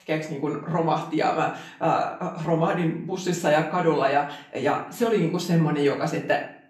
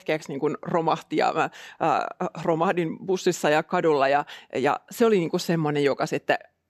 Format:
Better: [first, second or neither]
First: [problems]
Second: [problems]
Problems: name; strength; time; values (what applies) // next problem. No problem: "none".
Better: second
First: room echo; slight; dies away in 0.5 s // off-mic speech; far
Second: none